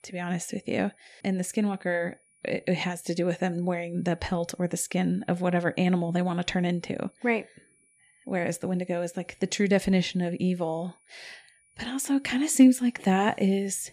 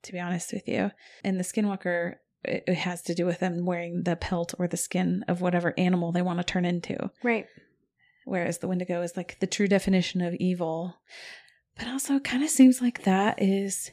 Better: second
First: high-pitched whine; faint; throughout; 10 kHz, 35 dB below the speech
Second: none

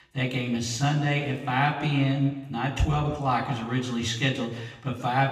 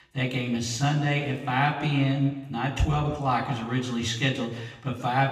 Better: neither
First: room echo; slight; dies away in 1 s // off-mic speech; far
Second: room echo; slight; dies away in 1 s // off-mic speech; far

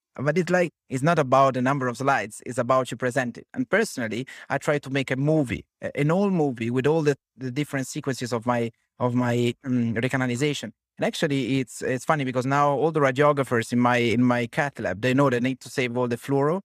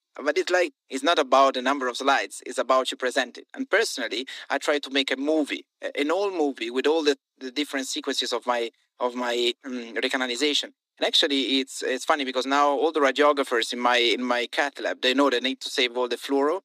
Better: first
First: none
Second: thin; very slightly; fading below 250 Hz

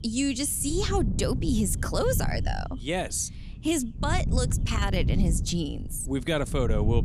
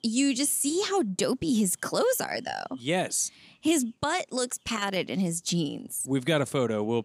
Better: second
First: wind noise on the microphone; occasional gusts; 15 dB below the speech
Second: none

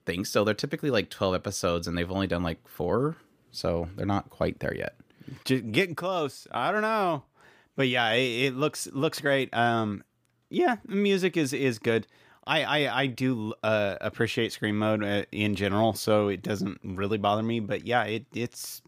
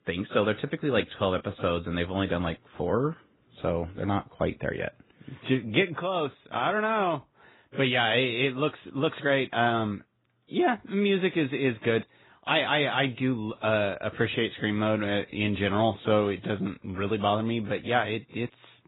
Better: first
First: none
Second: garbled, watery; badly; nothing above 4 kHz

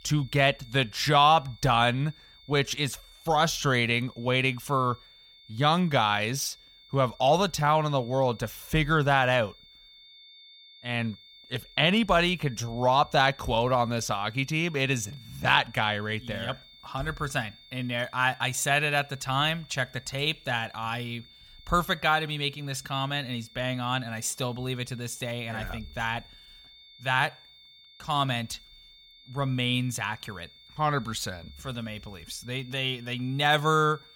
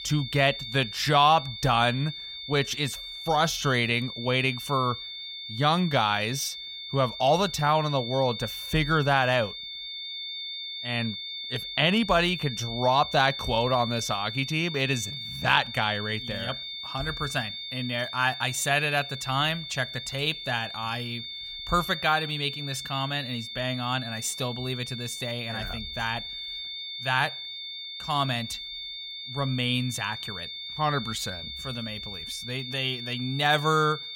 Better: first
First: high-pitched whine; faint; throughout; 3.5 kHz, 25 dB below the speech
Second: high-pitched whine; loud; throughout; 3.5 kHz, 8 dB below the speech

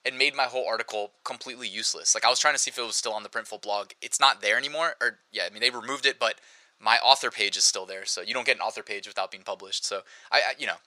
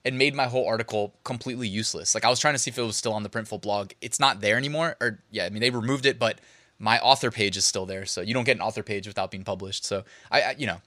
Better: second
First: thin; very; fading below 550 Hz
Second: none

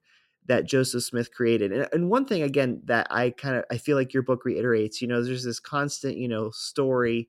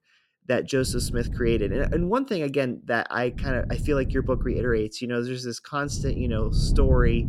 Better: first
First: none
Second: wind noise on the microphone; occasional gusts; from 1 to 2 s, from 3.5 to 5 s and from 6 s on; 15 dB below the speech

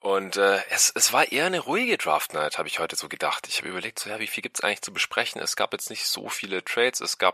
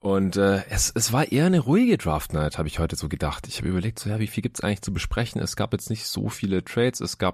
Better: second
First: thin; very; fading below 650 Hz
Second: none

